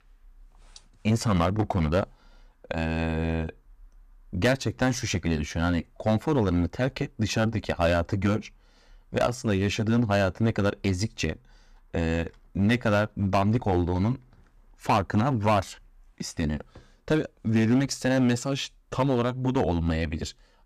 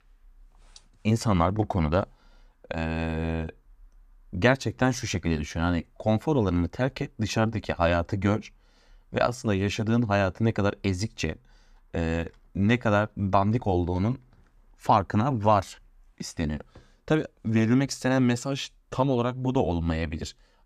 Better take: second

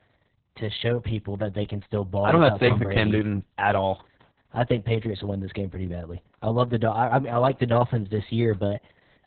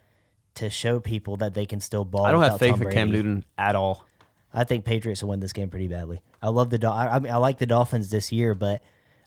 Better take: second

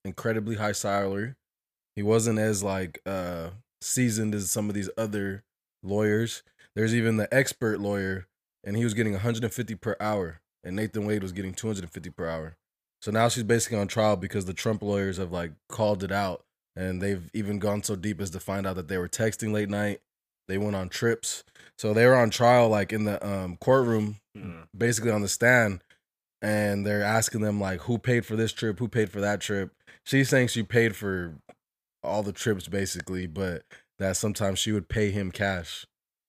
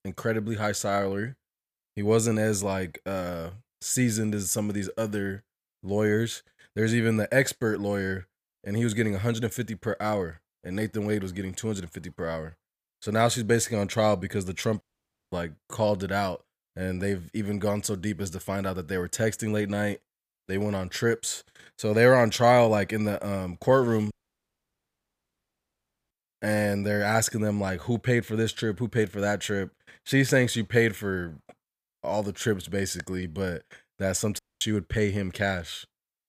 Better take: first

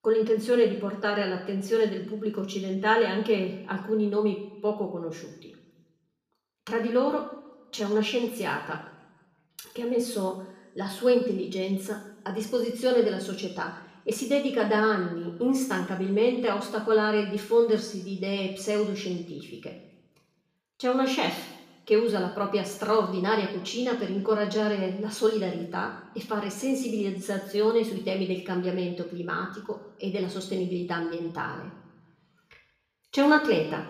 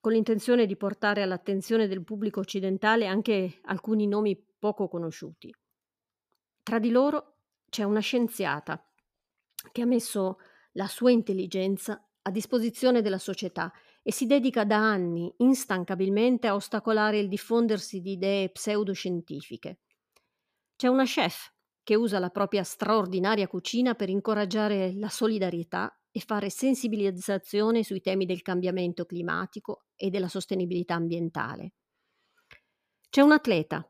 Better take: second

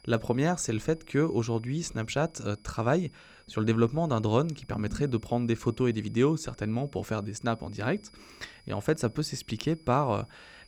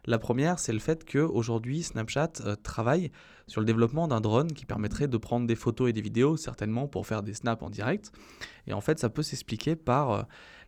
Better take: second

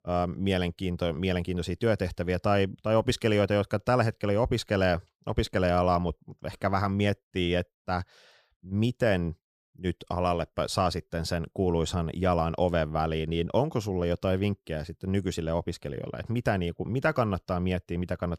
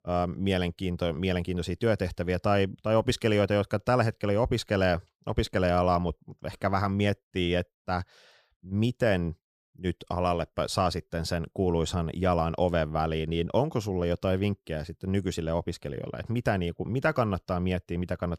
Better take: neither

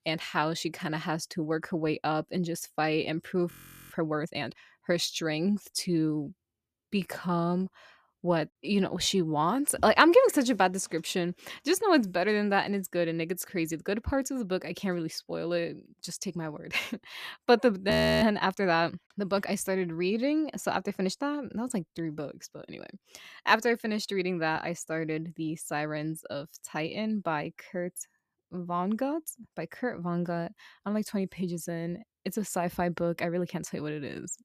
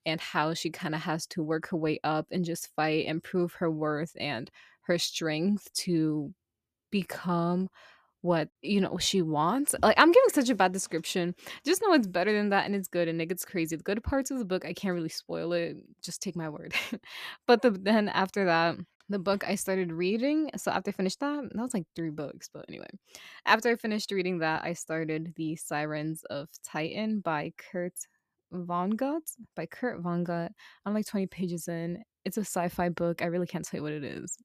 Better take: second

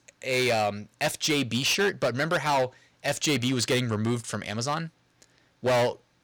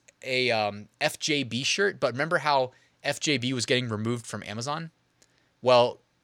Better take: second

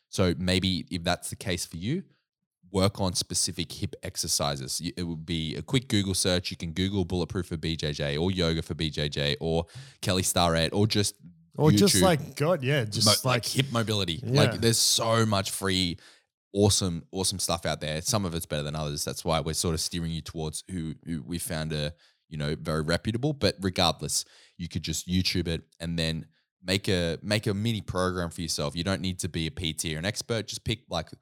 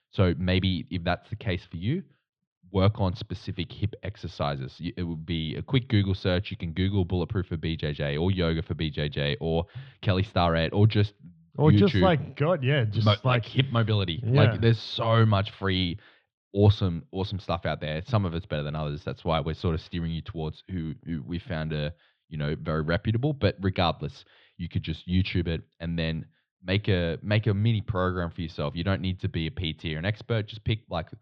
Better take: first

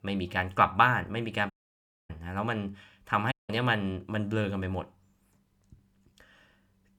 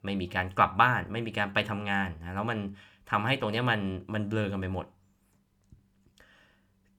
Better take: second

